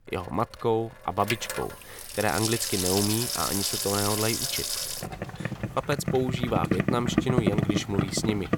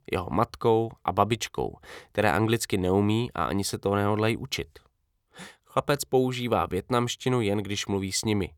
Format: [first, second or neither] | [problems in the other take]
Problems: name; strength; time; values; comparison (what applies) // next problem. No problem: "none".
second | household noises; very loud; throughout; as loud as the speech